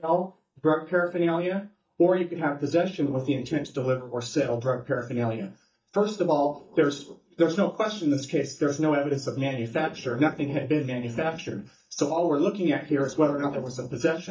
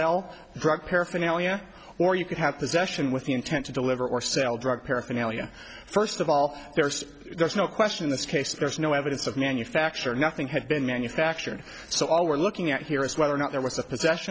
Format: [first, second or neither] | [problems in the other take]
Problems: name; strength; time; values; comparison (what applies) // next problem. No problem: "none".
second | noise reduction (neural mask model DeepFilterNet 3)